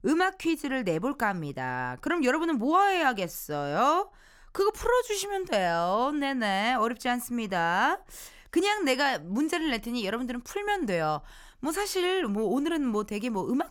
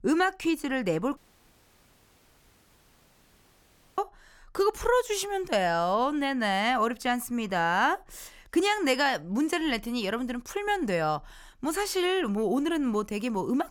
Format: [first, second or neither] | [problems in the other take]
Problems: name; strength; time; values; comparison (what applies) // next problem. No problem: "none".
first | audio cutting out; at 1 s for 3 s